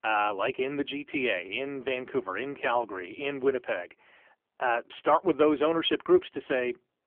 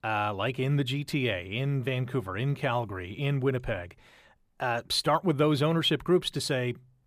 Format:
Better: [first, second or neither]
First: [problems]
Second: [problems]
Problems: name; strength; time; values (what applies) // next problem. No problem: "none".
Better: second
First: phone-call audio; poor line; nothing above 3.5 kHz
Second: none